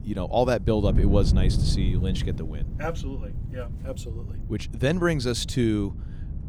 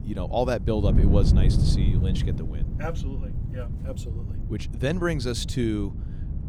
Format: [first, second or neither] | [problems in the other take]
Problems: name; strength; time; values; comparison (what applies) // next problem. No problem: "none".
first | wind noise on the microphone; heavy; 9 dB below the speech; occasional gusts in the first